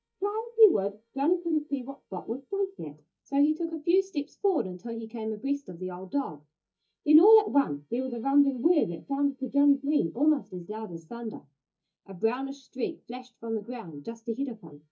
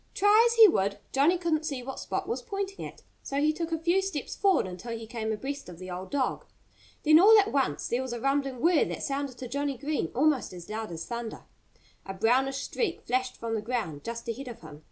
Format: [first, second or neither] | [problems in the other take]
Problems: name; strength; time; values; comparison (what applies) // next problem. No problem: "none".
second | noise reduction (neural mask model DeepFilterNet 3)